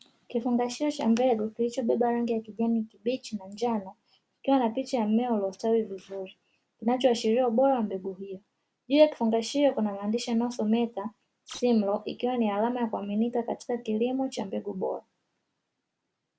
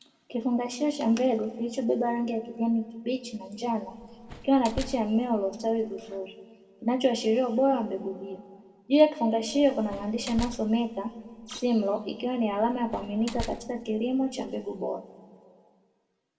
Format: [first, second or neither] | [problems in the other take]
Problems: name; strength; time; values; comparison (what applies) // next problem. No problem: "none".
first | background sound (Slam); 14 dB below the speech // room echo; dies away in 1.5 s